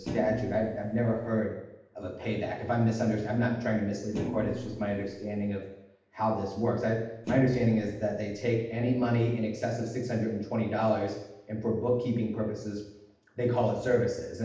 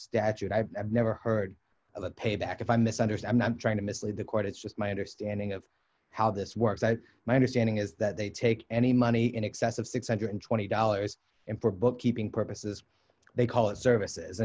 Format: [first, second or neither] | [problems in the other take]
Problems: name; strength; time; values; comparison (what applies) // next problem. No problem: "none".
second | background sound (Thump, thud); 8 dB below the speech // room echo; dies away in 0.8 s